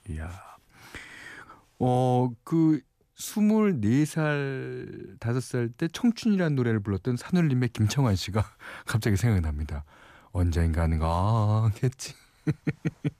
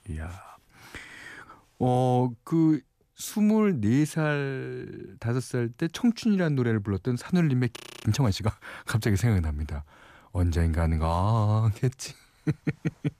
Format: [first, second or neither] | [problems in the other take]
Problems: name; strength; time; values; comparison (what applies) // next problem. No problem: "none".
first | audio freezing; at 8 s